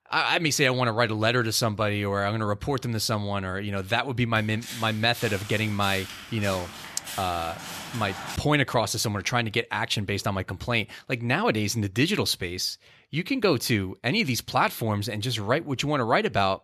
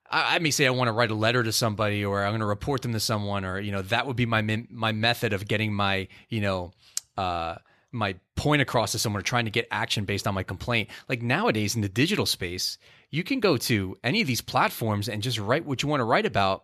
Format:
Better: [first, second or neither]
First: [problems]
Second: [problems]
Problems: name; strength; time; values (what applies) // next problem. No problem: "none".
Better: second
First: footsteps; noticeable; from 4.5 to 8.5 s; peak 9 dB below the speech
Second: none